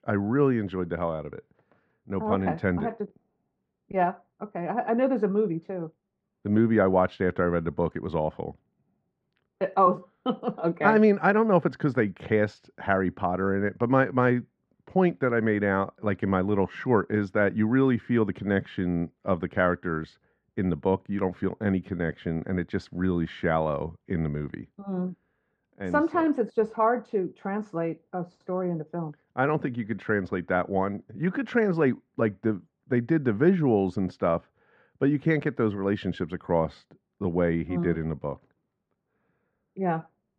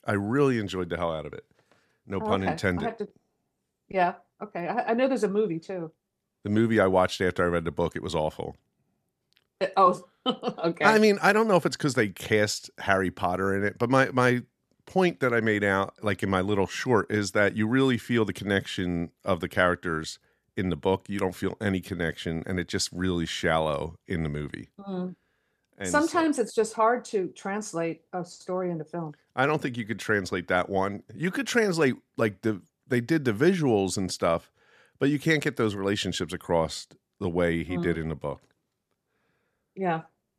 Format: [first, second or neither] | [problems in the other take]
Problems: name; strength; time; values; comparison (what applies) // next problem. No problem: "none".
second | muffled; very; fading above 1.5 kHz